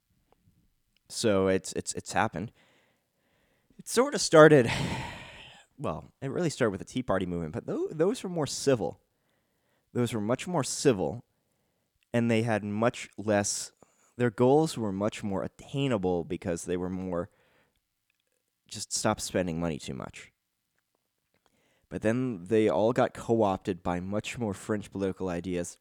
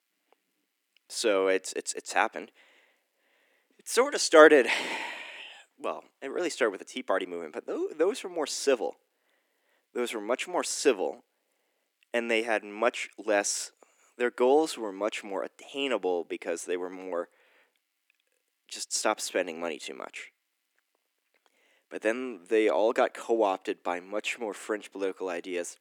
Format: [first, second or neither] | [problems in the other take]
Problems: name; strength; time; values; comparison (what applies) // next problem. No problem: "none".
first | thin; somewhat; fading below 300 Hz